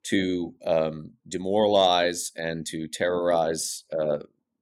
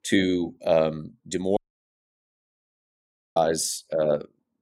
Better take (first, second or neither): first